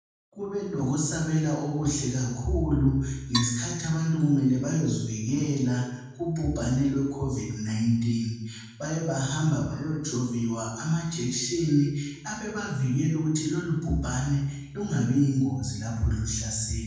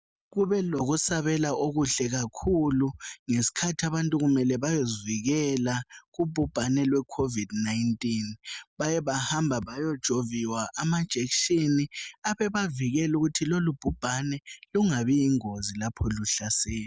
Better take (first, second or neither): second